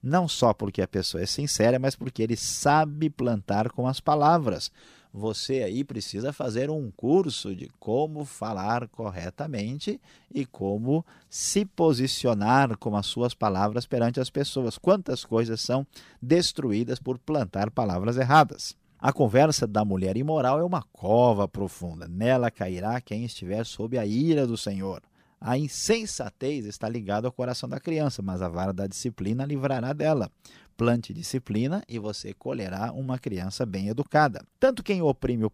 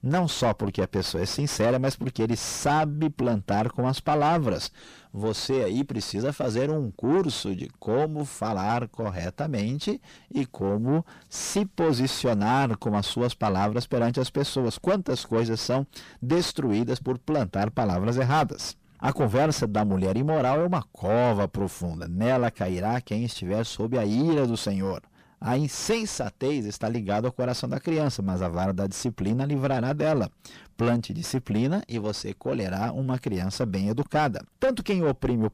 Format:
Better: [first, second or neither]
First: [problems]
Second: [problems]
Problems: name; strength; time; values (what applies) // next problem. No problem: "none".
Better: first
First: none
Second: distortion; heavy; 7 dB below the speech